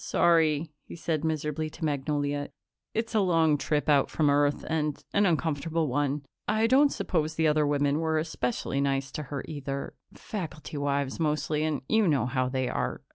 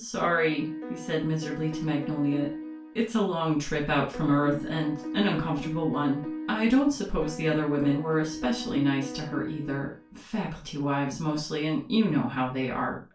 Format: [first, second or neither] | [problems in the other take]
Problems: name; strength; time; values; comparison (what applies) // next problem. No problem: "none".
first | background sound (Piano); 9 dB below the speech // room echo; dies away in 0.3 s